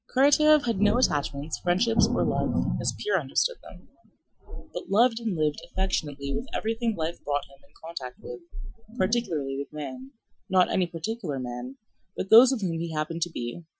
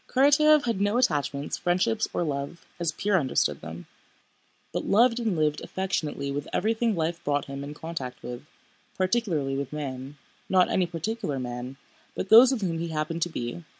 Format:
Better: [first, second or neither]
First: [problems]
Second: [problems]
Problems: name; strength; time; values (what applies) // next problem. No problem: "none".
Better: second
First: noise reduction (classical method Wiener filter)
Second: none